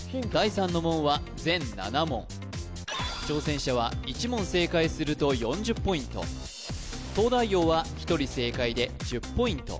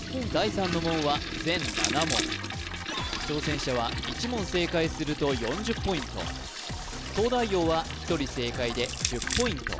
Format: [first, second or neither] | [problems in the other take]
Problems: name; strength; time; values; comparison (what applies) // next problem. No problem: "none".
first | background sound (Toilet flush + Crushing); 6 dB below the speech